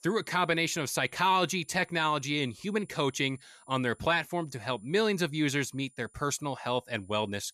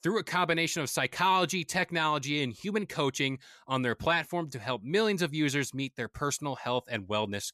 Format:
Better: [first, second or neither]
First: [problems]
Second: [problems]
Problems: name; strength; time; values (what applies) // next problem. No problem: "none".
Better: second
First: high-pitched whine; faint; throughout; 9.5 kHz, 30 dB below the speech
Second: none